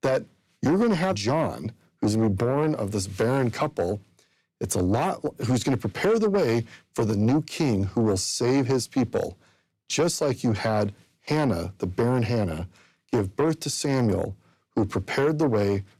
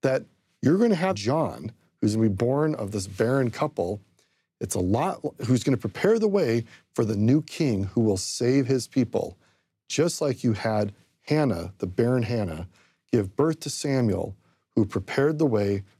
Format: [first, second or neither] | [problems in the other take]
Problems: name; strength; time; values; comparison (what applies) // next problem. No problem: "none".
second | distortion; slight; 10 dB below the speech